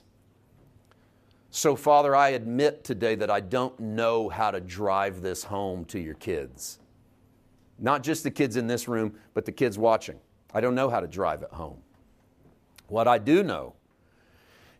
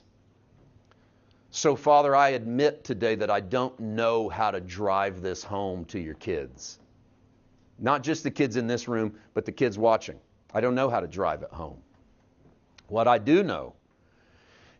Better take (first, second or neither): first